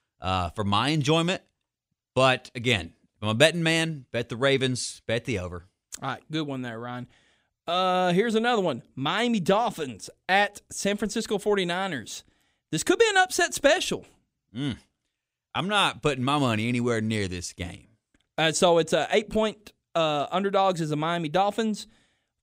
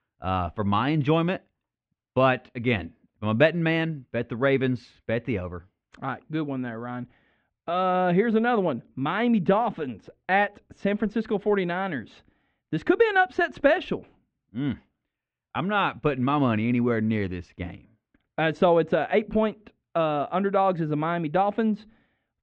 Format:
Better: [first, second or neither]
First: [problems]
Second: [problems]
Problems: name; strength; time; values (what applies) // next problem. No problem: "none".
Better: first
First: none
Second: muffled; very; fading above 2.5 kHz